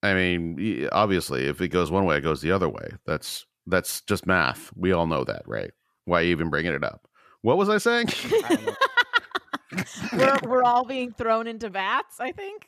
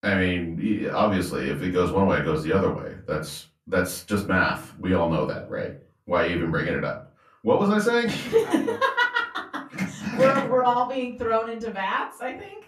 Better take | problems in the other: first | off-mic speech; far // room echo; very slight; dies away in 0.3 s

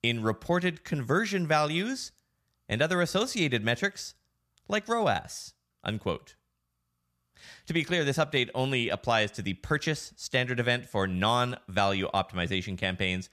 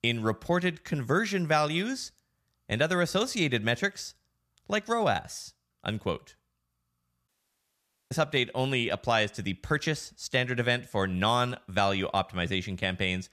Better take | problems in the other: first | audio cutting out; at 7.5 s for 1 s

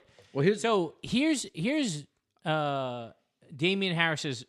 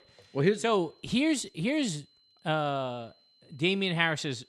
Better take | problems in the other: first | high-pitched whine; faint; throughout; 4 kHz, 35 dB below the speech

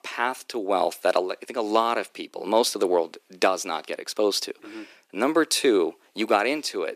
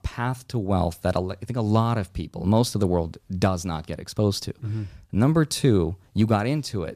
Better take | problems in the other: second | thin; very; fading below 300 Hz

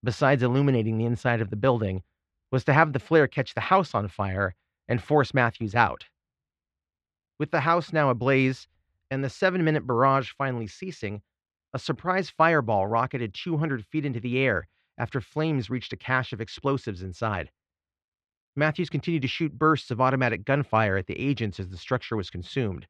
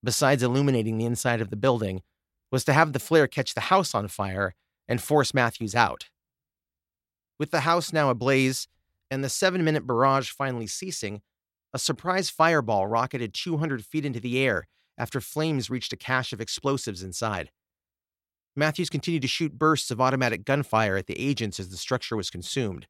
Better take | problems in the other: second | muffled; slightly; fading above 2.5 kHz

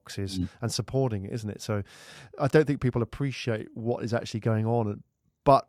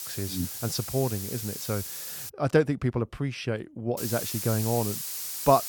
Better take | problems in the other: first | hiss; loud; until 2.5 s and from 4 s on; 4 dB below the speech

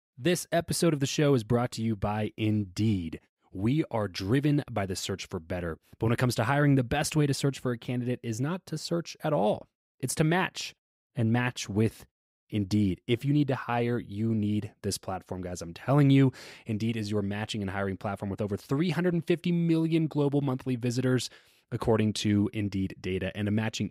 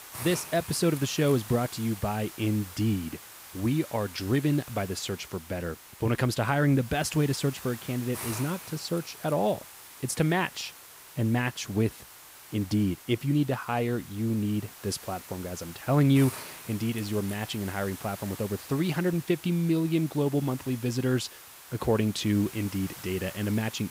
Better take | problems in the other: first | hiss; noticeable; throughout; 15 dB below the speech

